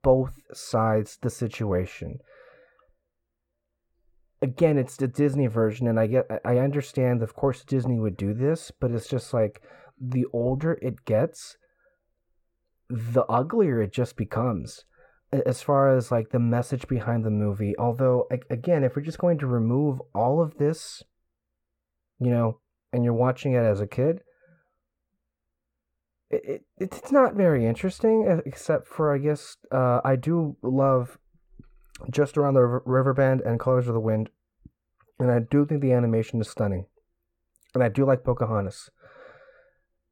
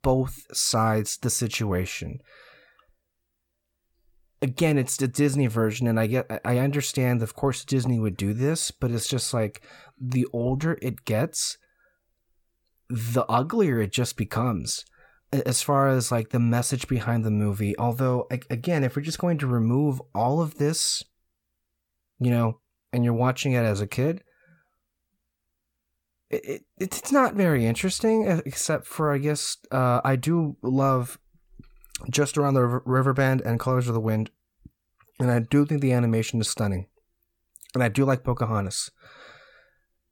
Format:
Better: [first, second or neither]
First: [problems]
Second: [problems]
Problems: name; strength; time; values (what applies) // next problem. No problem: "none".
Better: second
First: muffled; very; fading above 2.5 kHz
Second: none